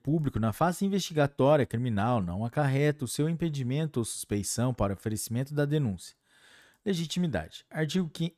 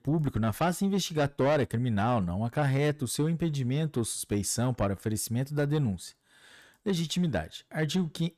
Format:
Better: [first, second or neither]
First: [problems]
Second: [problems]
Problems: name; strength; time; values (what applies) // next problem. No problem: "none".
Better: first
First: none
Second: distortion; slight; 10 dB below the speech